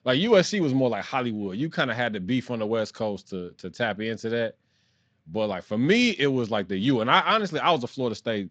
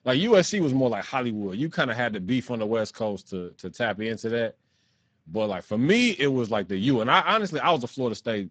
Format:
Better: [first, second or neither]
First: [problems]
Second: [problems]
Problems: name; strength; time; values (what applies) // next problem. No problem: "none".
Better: first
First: garbled, watery; slightly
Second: garbled, watery; badly; nothing above 7.5 kHz